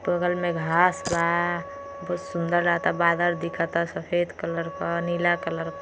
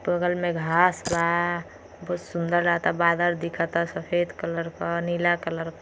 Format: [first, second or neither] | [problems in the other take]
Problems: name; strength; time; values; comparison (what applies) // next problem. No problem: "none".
second | background sound (Wind instrument, woodwind instrument); 14 dB below the speech